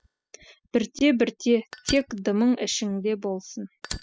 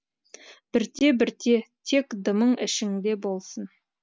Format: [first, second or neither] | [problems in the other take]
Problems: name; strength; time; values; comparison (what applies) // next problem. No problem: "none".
second | noise reduction (classical method spectral subtraction)